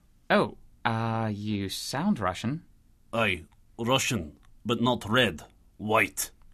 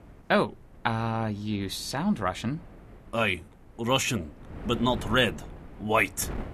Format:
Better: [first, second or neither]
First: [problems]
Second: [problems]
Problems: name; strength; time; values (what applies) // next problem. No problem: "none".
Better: first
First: none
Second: wind noise on the microphone; occasional gusts; 20 dB below the speech